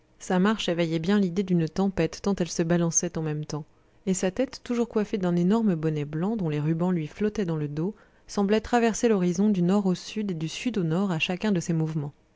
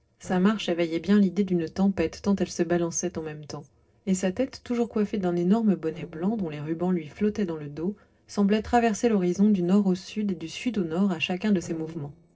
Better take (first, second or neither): first